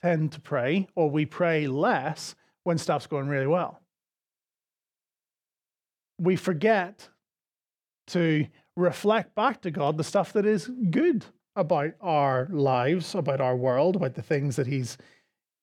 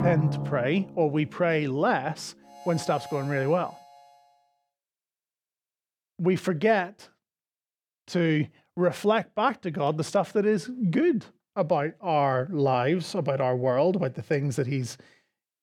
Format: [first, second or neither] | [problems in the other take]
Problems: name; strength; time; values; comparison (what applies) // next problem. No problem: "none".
first | background music; noticeable; until 4 s; 10 dB below the speech